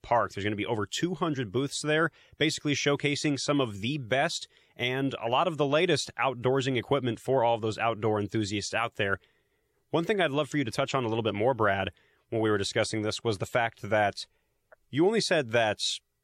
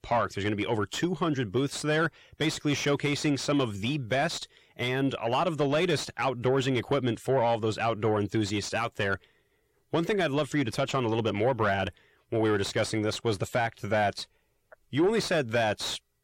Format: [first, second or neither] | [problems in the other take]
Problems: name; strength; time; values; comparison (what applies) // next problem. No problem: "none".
first | distortion; slight; 10 dB below the speech